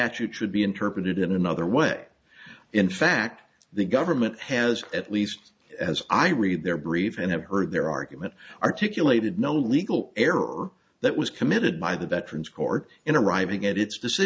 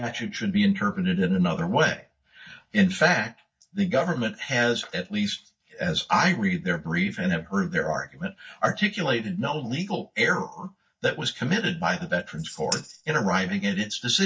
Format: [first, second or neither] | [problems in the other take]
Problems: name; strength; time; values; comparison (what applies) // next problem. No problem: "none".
first | noise reduction (neural mask model DeepFilterNet 3)